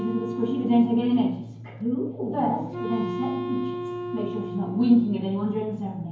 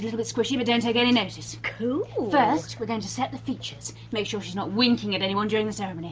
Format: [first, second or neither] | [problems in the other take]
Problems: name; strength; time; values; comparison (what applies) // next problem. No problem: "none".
second | background sound (Wind instrument, woodwind instrument); 10 dB below the speech // room echo; dies away in 0.9 s